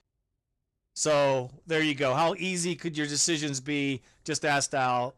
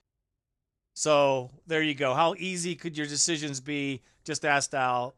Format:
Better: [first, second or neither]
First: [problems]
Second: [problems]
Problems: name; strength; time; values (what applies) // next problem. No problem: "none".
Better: second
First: distortion; slight; 10 dB below the speech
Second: none